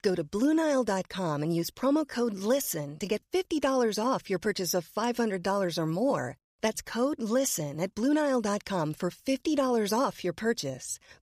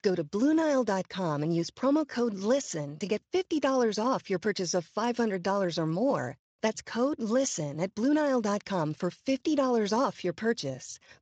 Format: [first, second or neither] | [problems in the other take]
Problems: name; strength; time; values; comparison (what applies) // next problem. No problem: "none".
first | garbled, watery; slightly; nothing above 7.5 kHz